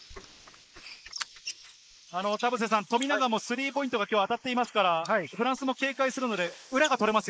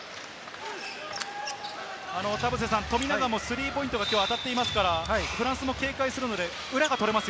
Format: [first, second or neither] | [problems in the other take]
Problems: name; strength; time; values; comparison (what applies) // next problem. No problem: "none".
second | noise reduction (neural mask model Resemble Enhance denoiser)